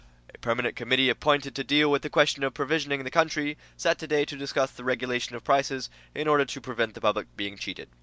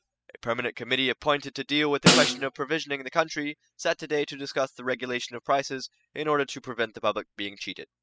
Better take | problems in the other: first | noise reduction (classical method spectral subtraction)

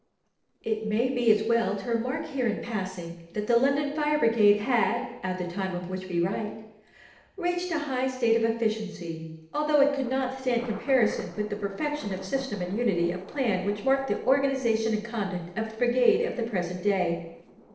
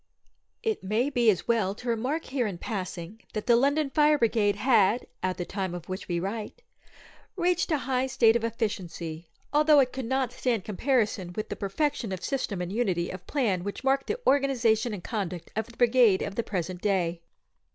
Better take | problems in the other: second | noise reduction (neural separator model SepFormer DNS4)

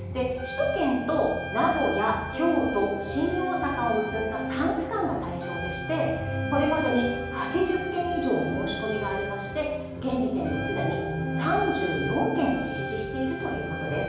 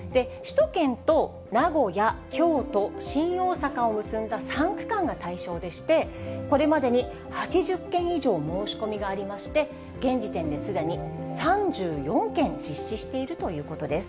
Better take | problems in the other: second | background sound (Trumpet); 11 dB below the speech // room echo; dies away in 1 s

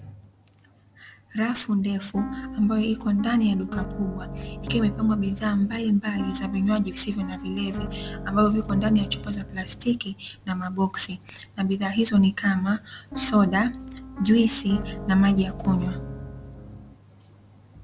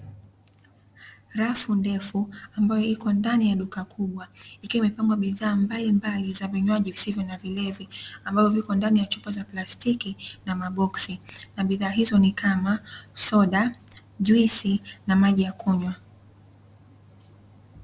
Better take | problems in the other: second | background sound (Piano); 9 dB below the speech

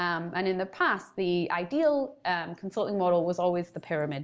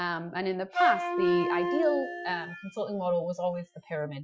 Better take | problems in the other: first | noise reduction (classical method Wiener filter)

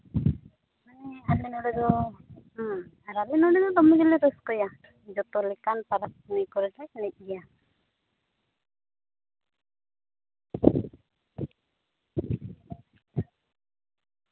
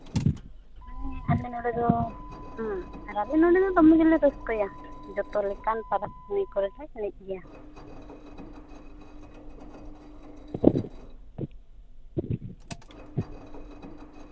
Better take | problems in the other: first | background sound (Motor vehicle (road) + Engine); 14 dB below the speech

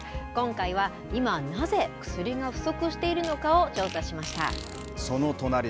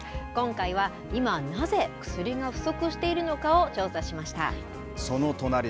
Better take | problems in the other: second | background sound (Fart); 16 dB below the speech

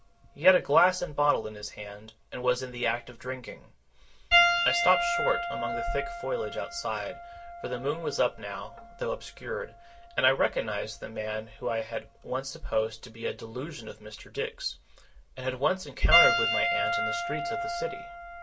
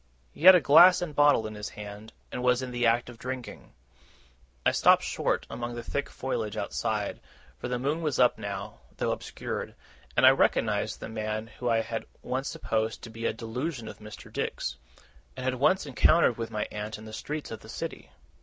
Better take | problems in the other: second | background sound (Piano); 3 dB below the speech // room echo; dies away in 0.2 s

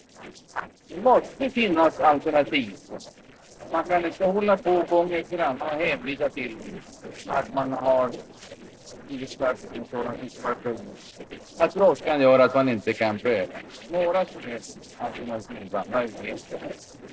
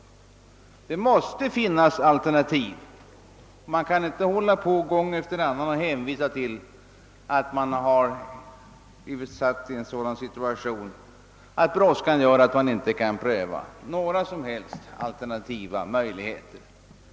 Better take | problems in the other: second | noise reduction (neural separator model SepFormer DNS4)

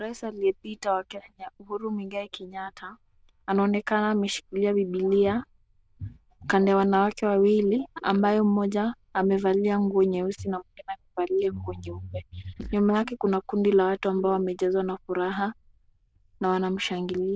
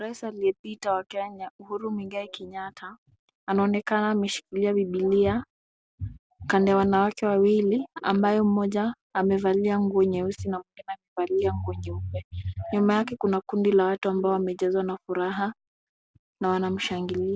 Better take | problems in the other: second | noise reduction (neural diffusion model UNIVERSE++)

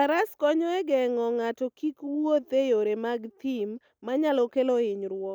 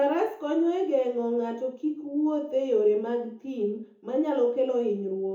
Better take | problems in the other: first | room echo; dies away in 0.7 s

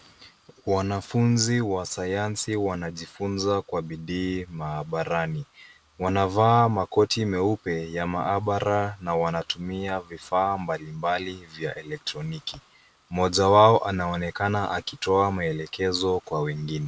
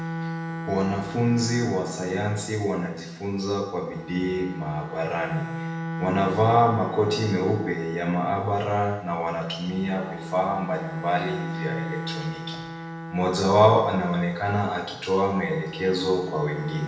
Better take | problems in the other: first | background sound (Bowed string instrument); 10 dB below the speech // room echo; dies away in 0.9 s

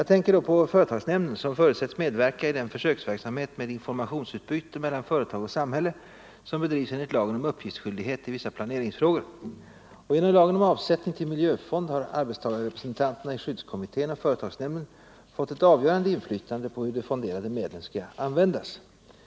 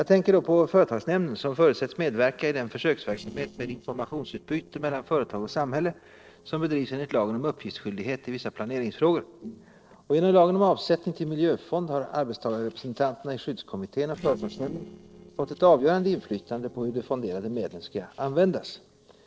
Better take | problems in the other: first | noise reduction (neural separator model SepFormer DNS4)

